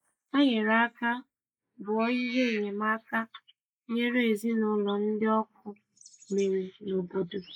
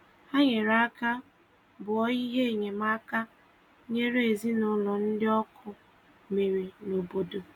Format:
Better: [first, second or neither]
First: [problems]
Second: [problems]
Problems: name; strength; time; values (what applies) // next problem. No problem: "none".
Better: second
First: noise reduction (neural mask model Resemble Enhance denoiser)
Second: none